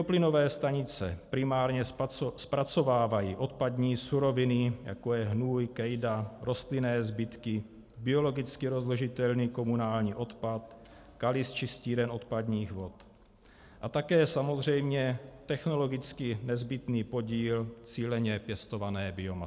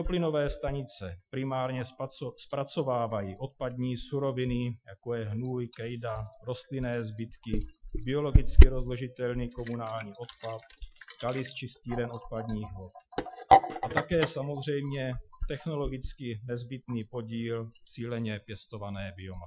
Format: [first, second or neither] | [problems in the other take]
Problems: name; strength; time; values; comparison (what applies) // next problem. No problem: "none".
first | noise reduction (classical method Wiener filter)